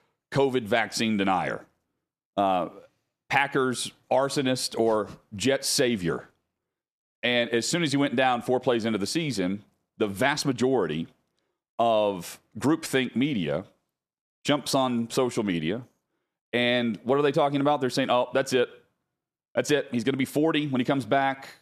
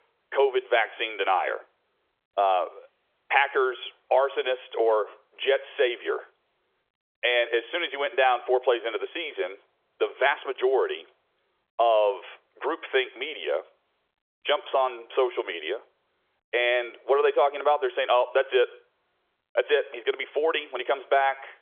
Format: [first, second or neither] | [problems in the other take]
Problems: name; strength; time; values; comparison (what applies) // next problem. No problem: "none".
first | phone-call audio; nothing above 3.5 kHz